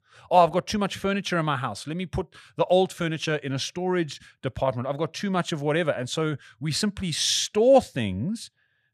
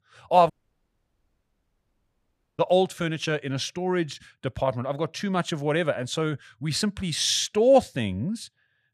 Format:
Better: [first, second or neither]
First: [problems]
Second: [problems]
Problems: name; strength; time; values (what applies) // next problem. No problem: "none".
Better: first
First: none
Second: audio cutting out; at 0.5 s for 2 s